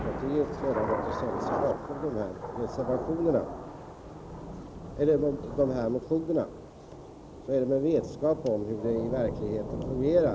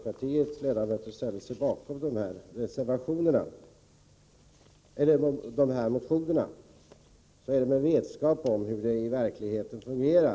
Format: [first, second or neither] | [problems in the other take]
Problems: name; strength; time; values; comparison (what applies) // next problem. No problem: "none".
second | background sound (Thunder / Rain); 7 dB below the speech